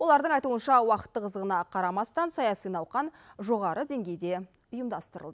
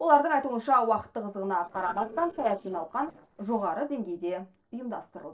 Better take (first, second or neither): first